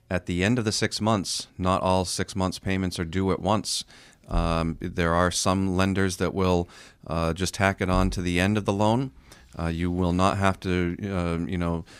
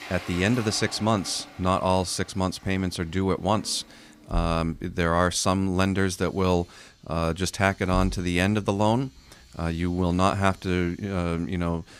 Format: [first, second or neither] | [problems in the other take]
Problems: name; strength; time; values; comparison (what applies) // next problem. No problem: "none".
first | household noises; faint; throughout; 20 dB below the speech